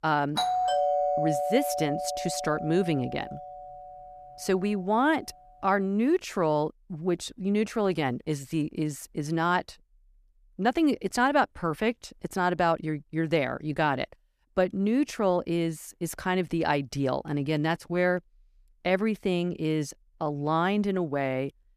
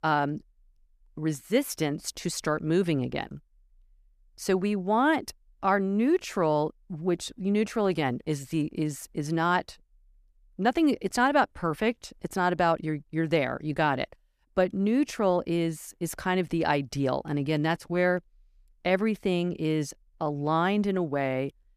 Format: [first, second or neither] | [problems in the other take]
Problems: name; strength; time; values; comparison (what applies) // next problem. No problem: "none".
second | doorbell; loud; until 4 s; peak 3 dB above the speech